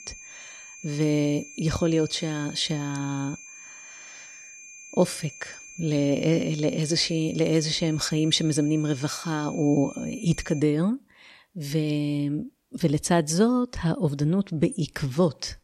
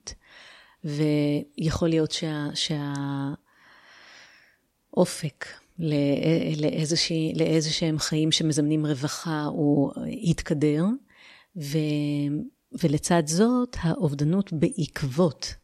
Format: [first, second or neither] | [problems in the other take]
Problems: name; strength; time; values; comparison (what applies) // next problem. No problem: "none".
second | high-pitched whine; noticeable; until 11 s; 2.5 kHz, 15 dB below the speech